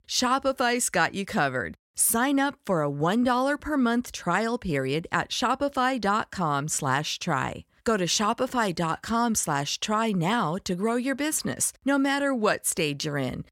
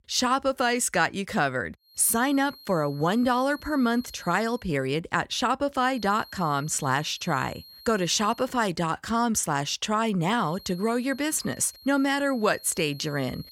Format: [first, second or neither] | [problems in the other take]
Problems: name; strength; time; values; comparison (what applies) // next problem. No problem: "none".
first | high-pitched whine; faint; from 2 to 4.5 s, from 6 to 8.5 s and from 10 s on; 4 kHz, 20 dB below the speech